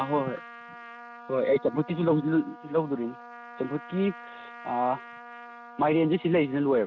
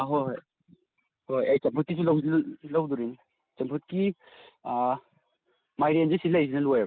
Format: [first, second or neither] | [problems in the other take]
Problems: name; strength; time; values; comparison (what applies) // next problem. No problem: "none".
second | background sound (Trumpet); 17 dB below the speech